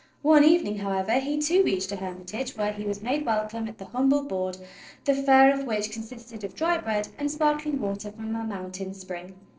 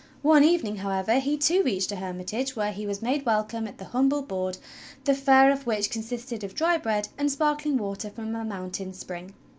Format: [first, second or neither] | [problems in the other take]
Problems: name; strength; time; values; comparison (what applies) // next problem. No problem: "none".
second | noise reduction (neural separator model SepFormer DNS4)